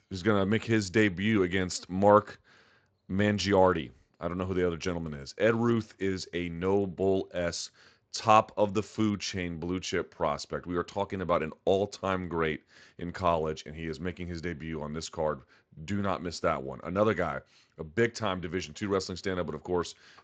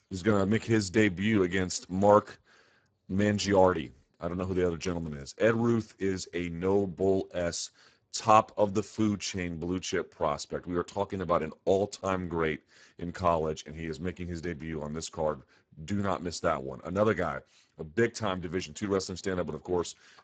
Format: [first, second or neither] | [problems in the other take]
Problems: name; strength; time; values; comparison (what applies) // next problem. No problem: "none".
first | garbled, watery; badly; nothing above 7.5 kHz; slightly in the first